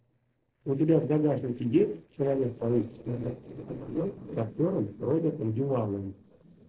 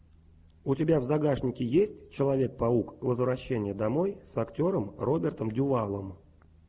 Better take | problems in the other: second | noise reduction (neural separator model SepFormer DNS4)

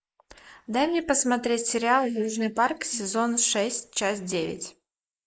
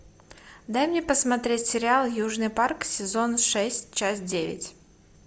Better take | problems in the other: second | noise reduction (neural mask model Resemble Enhance denoiser)

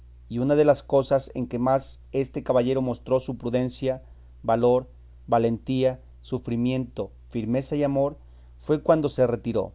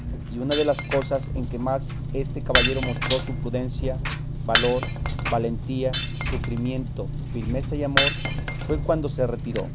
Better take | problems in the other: first | background sound (Shatter + Engine); 1 dB above the speech

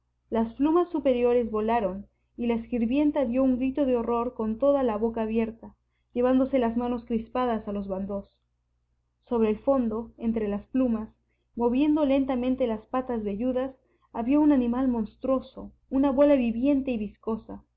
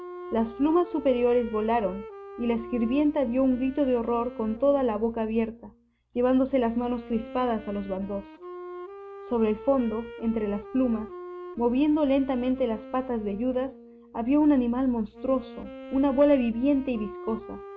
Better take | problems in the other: first | background sound (Wind instrument, woodwind instrument); 16 dB below the speech

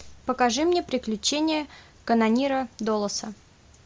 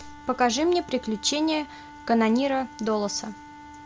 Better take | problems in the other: first | background sound (Wind instrument, woodwind instrument); 19 dB below the speech

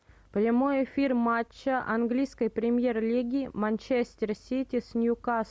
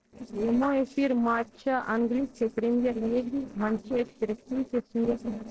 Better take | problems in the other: first | noise reduction (neural separator model SepFormer DNS4)

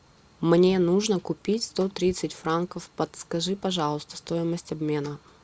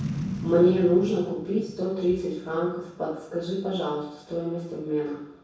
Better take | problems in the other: first | background sound (Boom); 12 dB below the speech // room echo; dies away in 0.7 s

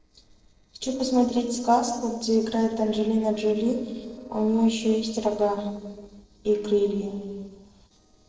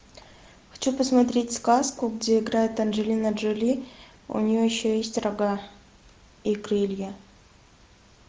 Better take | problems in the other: second | noise reduction (neural separator model SepFormer DNS4)

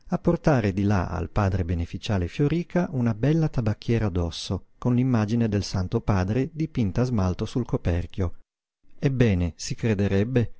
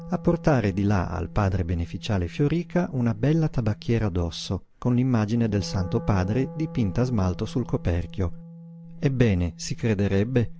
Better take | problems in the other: first | background sound (Wind instrument, woodwind instrument); 17 dB below the speech

